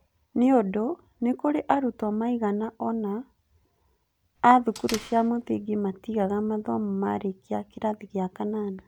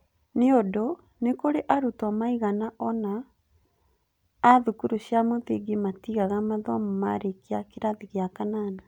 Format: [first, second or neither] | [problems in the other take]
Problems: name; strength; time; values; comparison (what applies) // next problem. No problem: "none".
second | background sound (Door); 16 dB below the speech